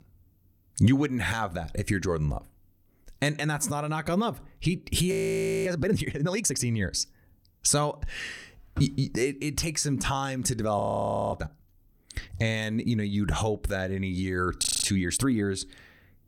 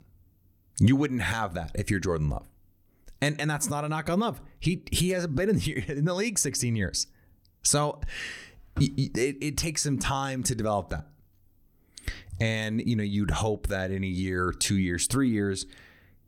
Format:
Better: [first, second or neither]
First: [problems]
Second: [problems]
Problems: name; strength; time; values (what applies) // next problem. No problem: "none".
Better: second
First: audio freezing; at 5 s for 0.5 s, at 11 s for 0.5 s and at 15 s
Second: none